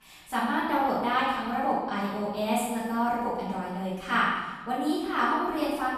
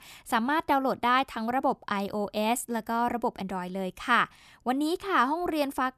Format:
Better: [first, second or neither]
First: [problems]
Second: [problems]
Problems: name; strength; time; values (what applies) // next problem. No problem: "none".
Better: second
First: off-mic speech; far // room echo; strong; dies away in 1.2 s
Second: none